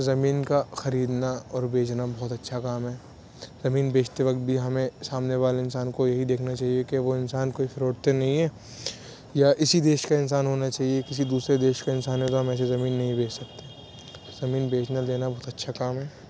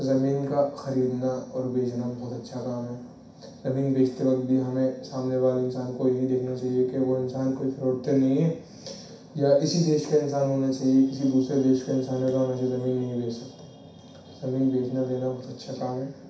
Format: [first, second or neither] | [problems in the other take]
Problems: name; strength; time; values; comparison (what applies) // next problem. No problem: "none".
first | room echo; dies away in 0.6 s